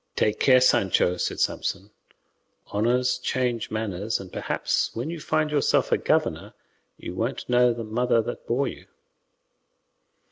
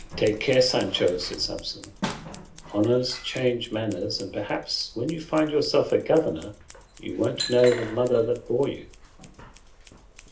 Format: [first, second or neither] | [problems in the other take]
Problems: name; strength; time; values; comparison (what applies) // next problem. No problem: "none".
first | background sound (Scissors); 15 dB below the speech // room echo; dies away in 0.3 s